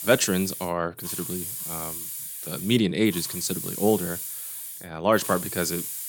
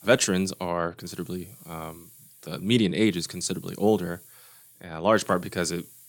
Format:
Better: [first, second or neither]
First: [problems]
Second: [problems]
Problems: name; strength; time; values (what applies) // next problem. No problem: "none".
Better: second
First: hiss; loud; throughout; 6 dB below the speech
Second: hiss; faint; throughout; 25 dB below the speech